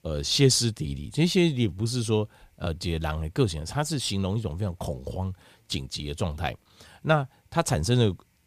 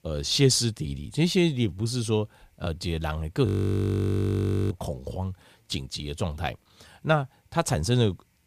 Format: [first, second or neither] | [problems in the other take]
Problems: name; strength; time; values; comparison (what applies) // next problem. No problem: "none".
first | audio freezing; at 3.5 s for 1 s